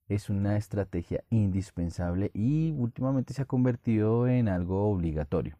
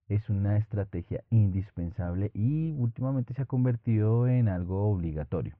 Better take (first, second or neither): first